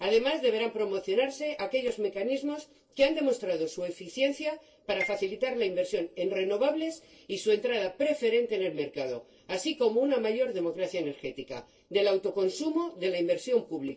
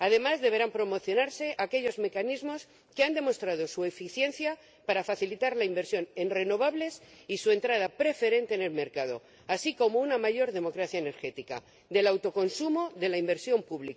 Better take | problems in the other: second | noise reduction (neural separator model SepFormer DNS4)

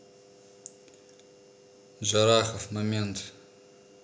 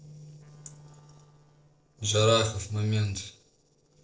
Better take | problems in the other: first | noise reduction (neural separator model SepFormer DNS4)

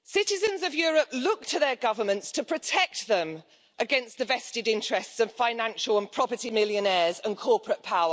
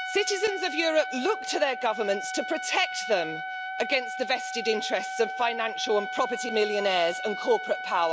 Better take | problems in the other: first | background sound (Trumpet); 7 dB below the speech

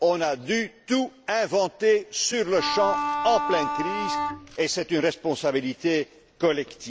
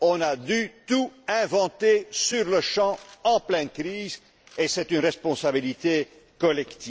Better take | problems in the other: second | background sound (Bowed string instrument); 2 dB below the speech

